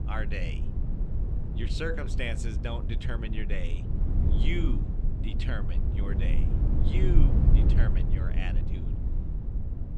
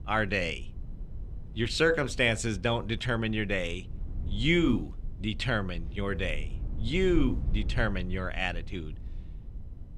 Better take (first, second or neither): second